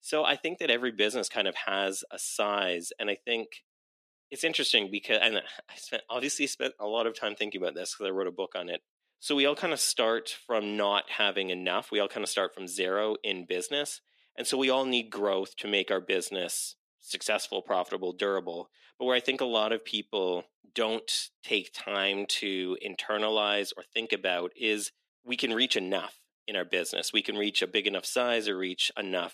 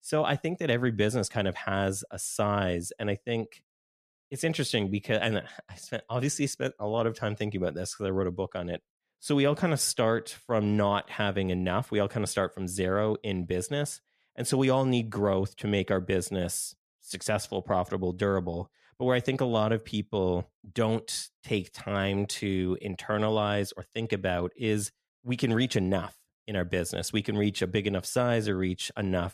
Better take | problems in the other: second | thin; somewhat; fading below 300 Hz

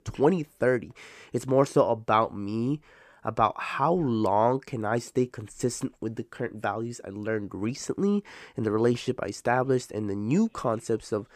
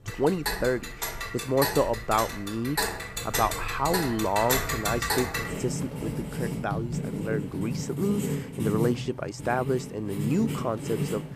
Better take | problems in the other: first | household noises; loud; throughout; 2 dB below the speech

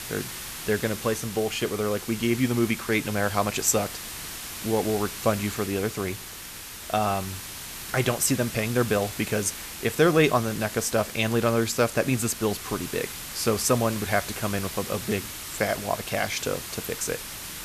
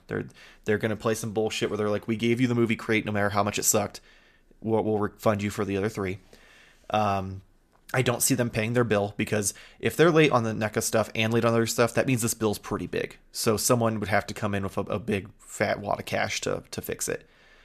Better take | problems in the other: second | hiss; loud; throughout; 9 dB below the speech

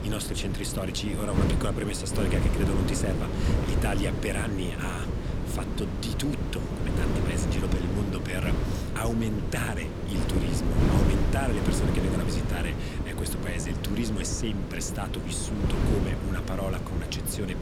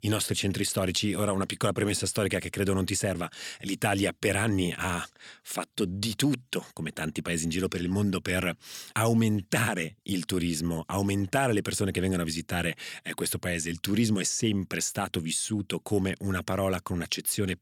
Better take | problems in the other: second | wind noise on the microphone; heavy; 1 dB below the speech

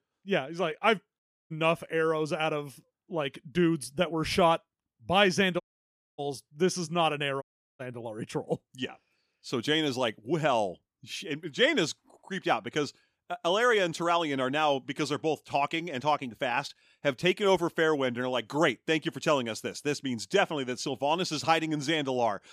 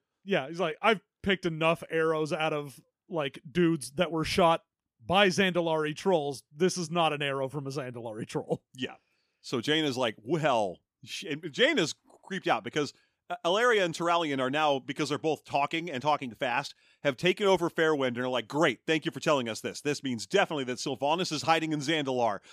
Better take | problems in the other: second | audio cutting out; at 1 s, at 5.5 s for 0.5 s and at 7.5 s

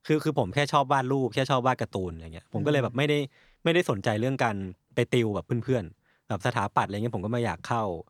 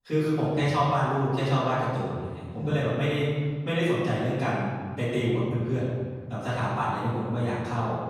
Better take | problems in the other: first | off-mic speech; far // room echo; strong; dies away in 1.7 s

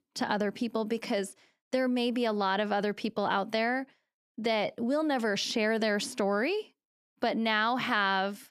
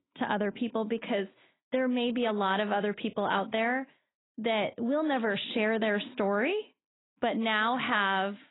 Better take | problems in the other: first | garbled, watery; badly; nothing above 4 kHz

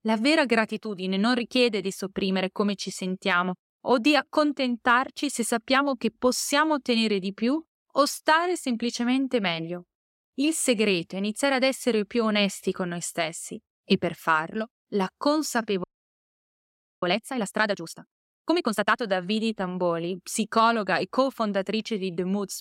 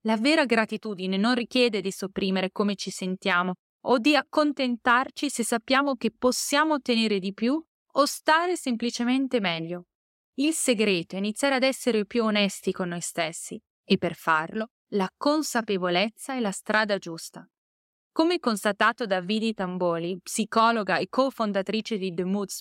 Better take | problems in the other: second | audio freezing; at 16 s for 1 s

